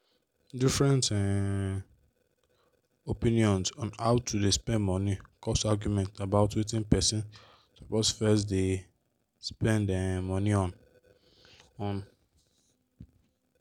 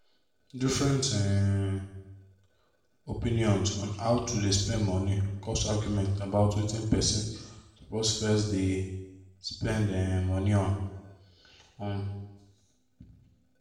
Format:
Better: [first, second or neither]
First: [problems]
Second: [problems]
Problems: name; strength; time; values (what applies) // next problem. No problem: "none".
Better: first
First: none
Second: room echo; dies away in 0.9 s